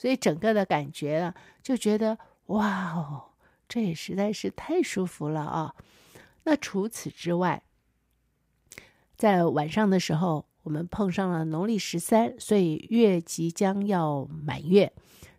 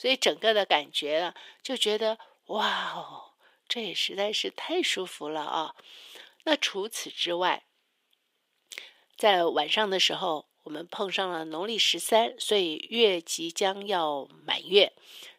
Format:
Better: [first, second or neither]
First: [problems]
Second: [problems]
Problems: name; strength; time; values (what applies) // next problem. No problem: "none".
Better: first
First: none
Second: thin; very; fading below 400 Hz